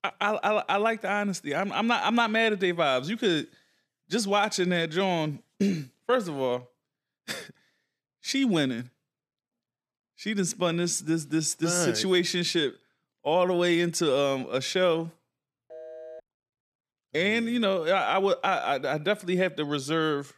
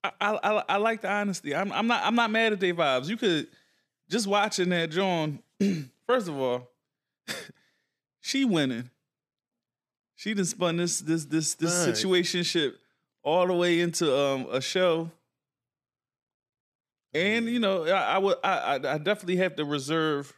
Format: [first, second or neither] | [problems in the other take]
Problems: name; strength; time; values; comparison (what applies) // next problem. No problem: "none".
second | phone ringing; faint; at 16 s; peak 15 dB below the speech